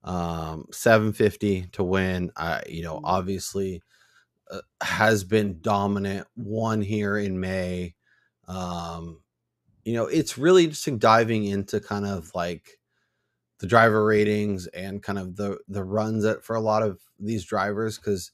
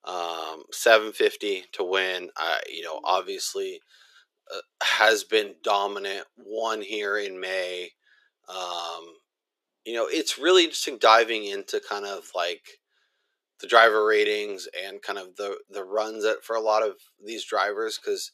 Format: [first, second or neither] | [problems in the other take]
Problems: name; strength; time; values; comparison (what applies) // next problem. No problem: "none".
first | thin; very; fading below 350 Hz